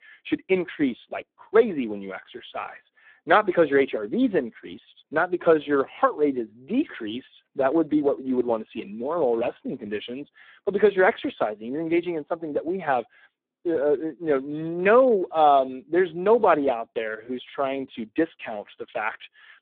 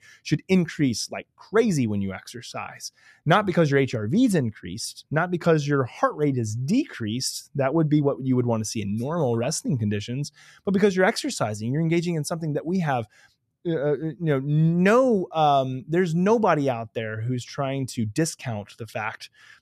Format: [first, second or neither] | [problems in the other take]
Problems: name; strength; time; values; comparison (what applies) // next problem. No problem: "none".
second | phone-call audio; poor line